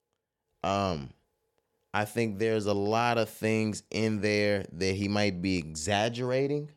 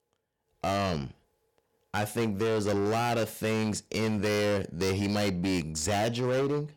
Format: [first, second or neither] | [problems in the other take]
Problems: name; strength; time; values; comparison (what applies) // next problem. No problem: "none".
first | distortion; heavy; 21% of the sound clipped